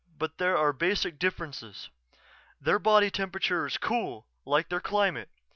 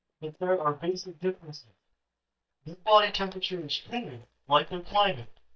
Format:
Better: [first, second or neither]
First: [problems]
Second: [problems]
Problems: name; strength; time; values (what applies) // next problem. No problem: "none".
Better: first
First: none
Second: noise reduction (neural mask model DeepFilterNet 3)